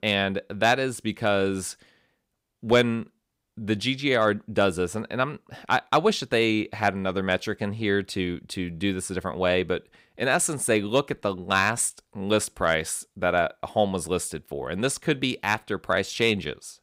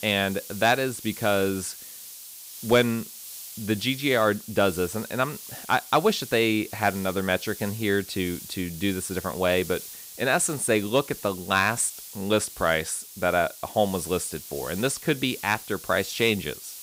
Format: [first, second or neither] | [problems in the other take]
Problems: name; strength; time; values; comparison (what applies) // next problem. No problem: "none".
first | hiss; noticeable; throughout; 15 dB below the speech